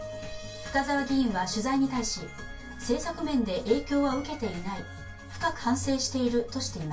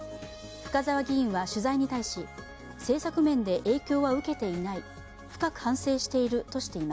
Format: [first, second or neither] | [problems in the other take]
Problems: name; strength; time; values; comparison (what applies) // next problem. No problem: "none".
second | room echo; dies away in 0.2 s